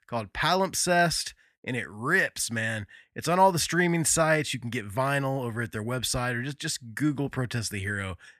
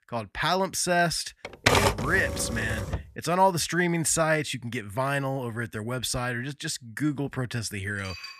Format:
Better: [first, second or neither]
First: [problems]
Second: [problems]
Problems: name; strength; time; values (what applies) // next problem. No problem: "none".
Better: first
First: none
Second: keyboard typing; loud; from 1.5 to 3 s; peak 6 dB above the speech // clattering dishes; faint; at 8 s; peak 10 dB below the speech